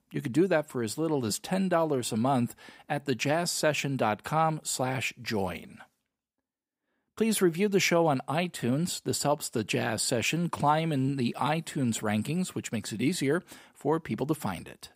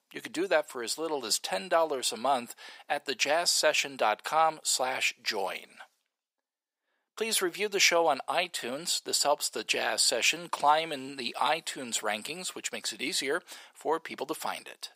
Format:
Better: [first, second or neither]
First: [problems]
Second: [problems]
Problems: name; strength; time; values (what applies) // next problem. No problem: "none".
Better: first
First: none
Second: thin; very; fading below 600 Hz